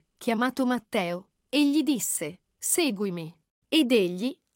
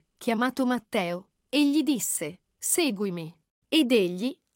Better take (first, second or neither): neither